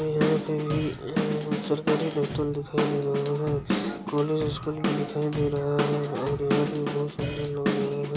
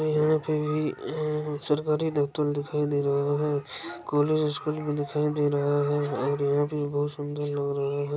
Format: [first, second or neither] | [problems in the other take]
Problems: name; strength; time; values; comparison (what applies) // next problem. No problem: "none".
second | background sound (Drum / Drum kit); 3 dB below the speech